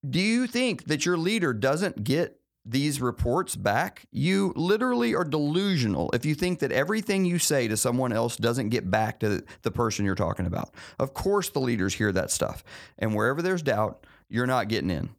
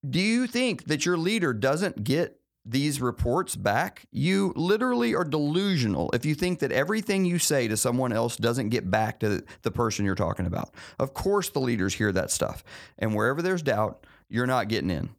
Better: neither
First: none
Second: none

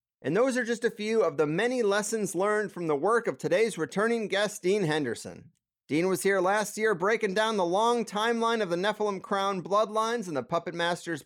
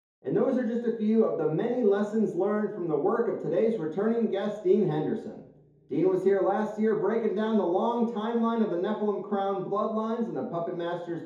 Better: first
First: none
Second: room echo; noticeable; dies away in 3 s // off-mic speech; far

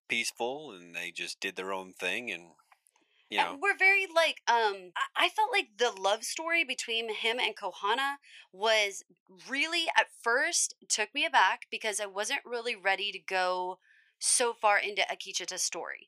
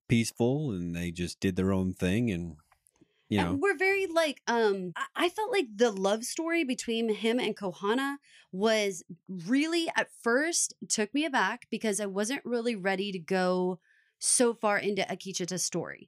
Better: second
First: thin; very; fading below 650 Hz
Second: none

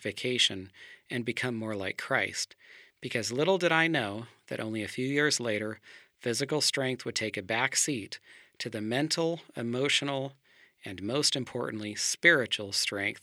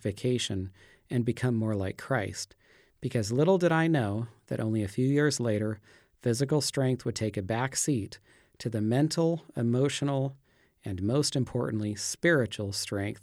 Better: second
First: thin; somewhat; fading below 400 Hz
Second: none

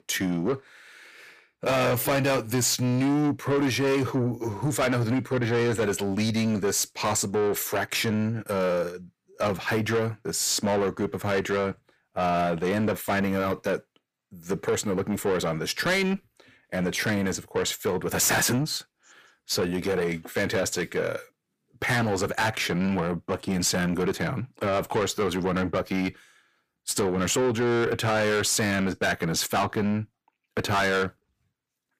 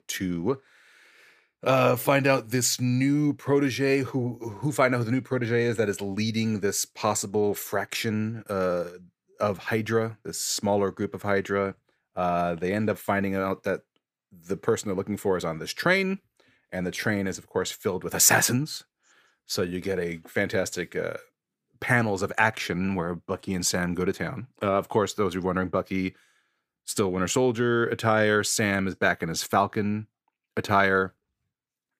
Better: second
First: distortion; heavy; 7 dB below the speech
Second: none

